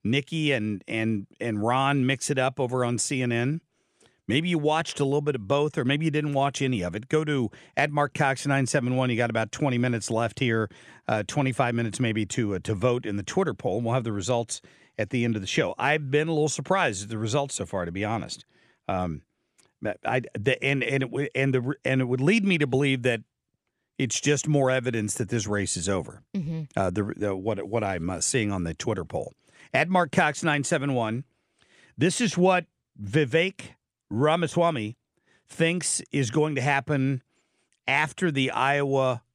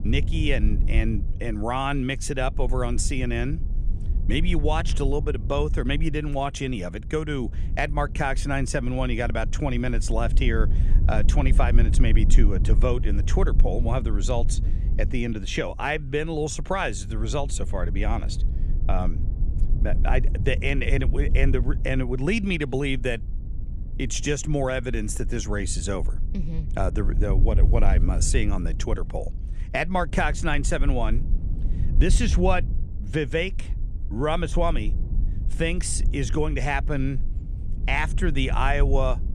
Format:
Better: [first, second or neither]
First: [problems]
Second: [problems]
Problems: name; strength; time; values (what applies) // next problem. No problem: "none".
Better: first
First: none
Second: low rumble; noticeable; throughout; 15 dB below the speech